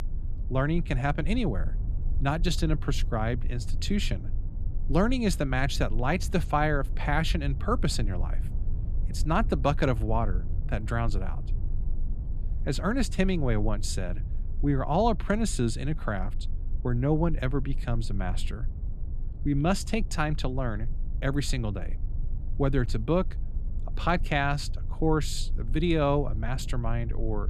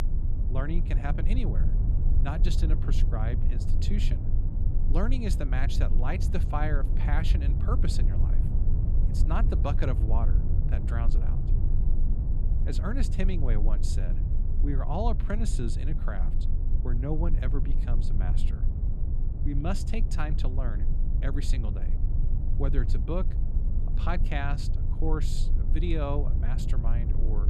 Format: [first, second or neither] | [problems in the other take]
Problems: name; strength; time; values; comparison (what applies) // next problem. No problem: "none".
first | low rumble; loud; throughout; 7 dB below the speech; faint in the first